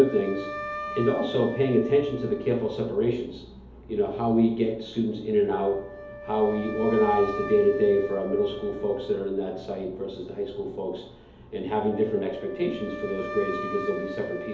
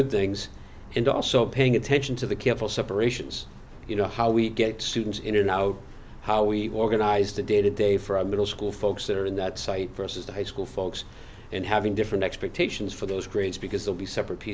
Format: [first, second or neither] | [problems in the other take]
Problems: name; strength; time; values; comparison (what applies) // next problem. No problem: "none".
second | background sound (Wind instrument, woodwind instrument); 12 dB below the speech // room echo; dies away in 2.2 s